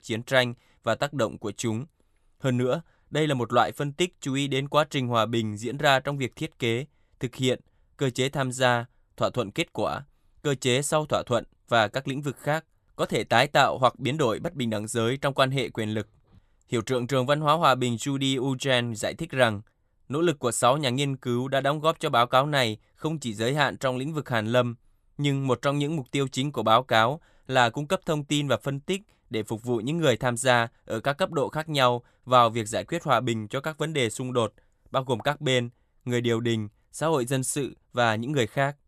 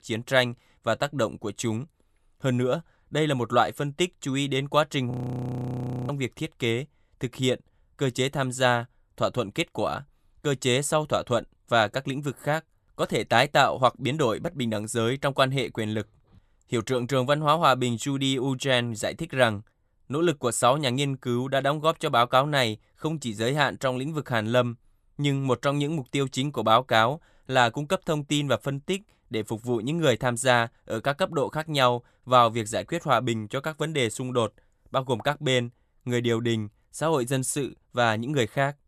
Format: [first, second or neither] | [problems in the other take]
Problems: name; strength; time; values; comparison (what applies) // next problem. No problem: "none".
first | audio freezing; at 5 s for 1 s